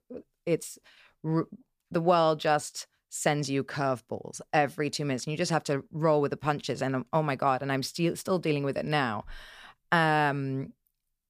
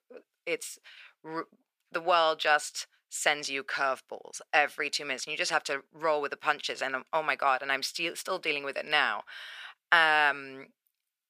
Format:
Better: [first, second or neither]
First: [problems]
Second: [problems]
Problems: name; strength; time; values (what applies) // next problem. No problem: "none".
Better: first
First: none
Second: thin; very; fading below 600 Hz